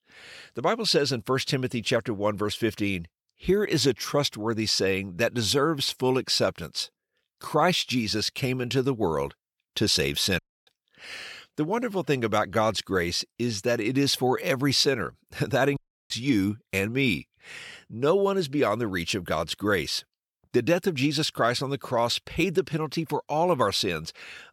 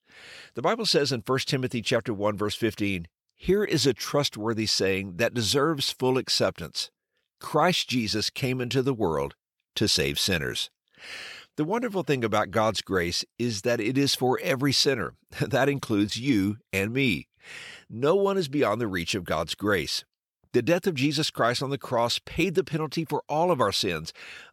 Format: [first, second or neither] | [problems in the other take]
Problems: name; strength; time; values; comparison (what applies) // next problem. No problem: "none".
second | audio cutting out; at 10 s and at 16 s